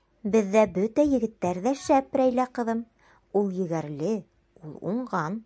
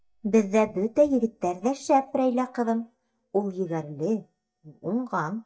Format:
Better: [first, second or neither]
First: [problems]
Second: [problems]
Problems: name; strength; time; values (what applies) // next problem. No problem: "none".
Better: first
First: none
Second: noise reduction (neural mask model DeepFilterNet 3)